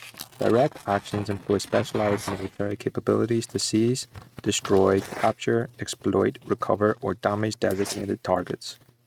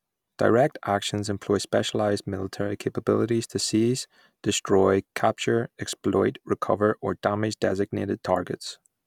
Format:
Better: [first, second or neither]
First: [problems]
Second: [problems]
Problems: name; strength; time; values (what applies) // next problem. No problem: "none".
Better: second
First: noise reduction (neural mask model RNNoise)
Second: none